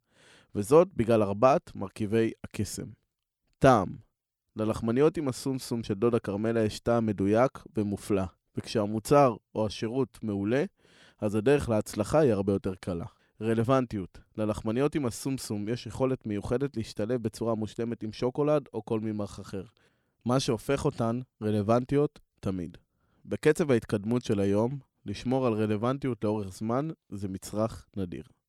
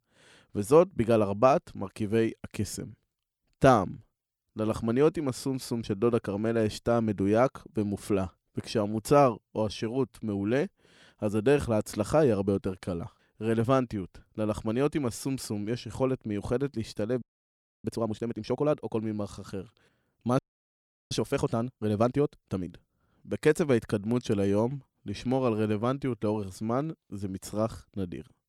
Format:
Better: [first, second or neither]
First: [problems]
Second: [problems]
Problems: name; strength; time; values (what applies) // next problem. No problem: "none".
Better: first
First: none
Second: audio freezing; at 17 s for 0.5 s and at 20 s for 0.5 s